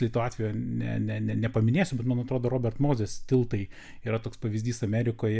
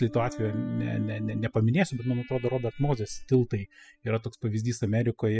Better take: first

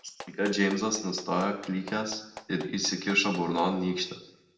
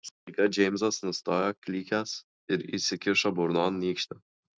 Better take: second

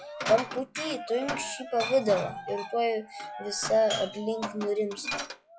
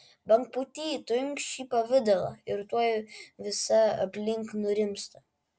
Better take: second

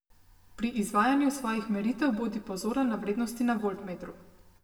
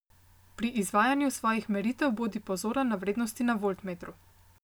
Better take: second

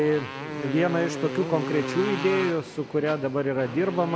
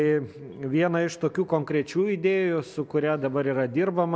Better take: second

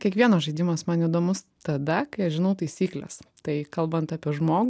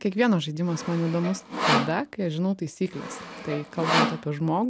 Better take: first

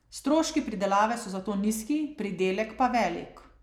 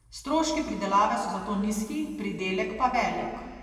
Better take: first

